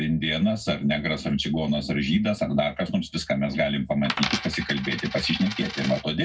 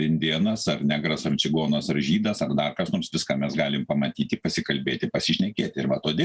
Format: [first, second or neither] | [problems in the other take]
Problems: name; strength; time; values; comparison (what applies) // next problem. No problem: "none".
second | background sound (Coin (dropping)); 8 dB below the speech // room echo; dies away in 0.3 s